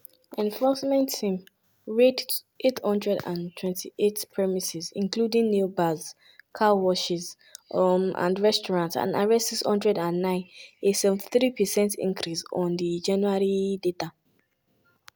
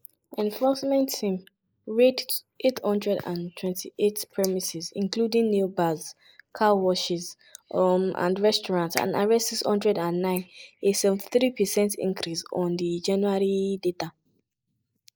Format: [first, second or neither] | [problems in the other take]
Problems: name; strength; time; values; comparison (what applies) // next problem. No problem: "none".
first | noise reduction (neural mask model Resemble Enhance denoiser)